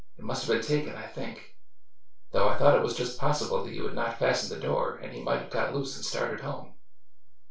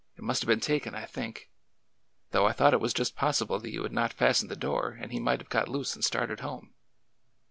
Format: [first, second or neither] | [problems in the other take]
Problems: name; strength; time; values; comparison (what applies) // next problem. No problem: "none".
second | room echo; dies away in 0.2 s